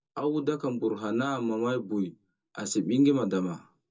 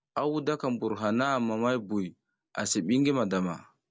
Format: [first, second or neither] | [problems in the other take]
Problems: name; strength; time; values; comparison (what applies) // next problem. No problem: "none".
second | room echo; dies away in 0.2 s